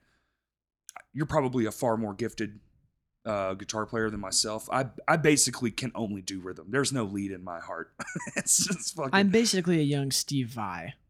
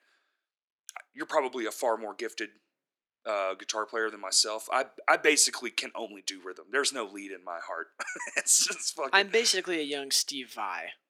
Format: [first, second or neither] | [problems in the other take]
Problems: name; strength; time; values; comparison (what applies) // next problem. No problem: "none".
first | thin; very; fading below 350 Hz